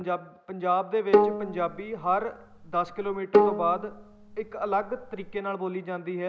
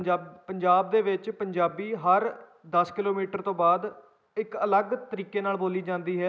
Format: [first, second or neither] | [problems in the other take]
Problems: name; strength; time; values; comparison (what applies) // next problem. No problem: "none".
second | background sound (Bowed string instrument); 2 dB above the speech